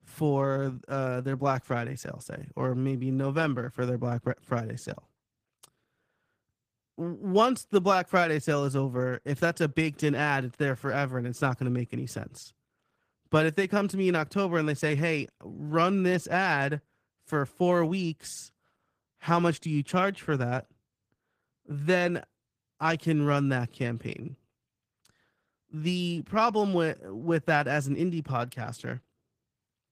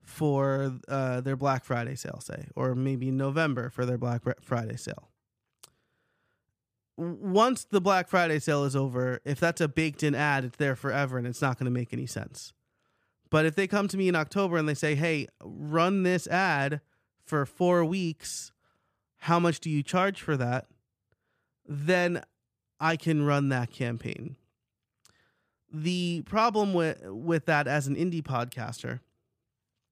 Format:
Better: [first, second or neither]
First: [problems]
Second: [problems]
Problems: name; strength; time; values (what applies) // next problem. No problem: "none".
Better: second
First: garbled, watery; slightly; nothing above 15 kHz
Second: none